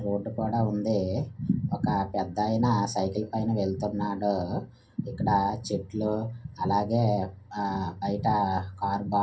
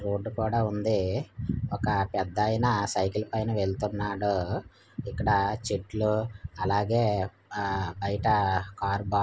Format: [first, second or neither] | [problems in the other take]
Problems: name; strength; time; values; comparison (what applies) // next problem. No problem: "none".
second | room echo; dies away in 0.3 s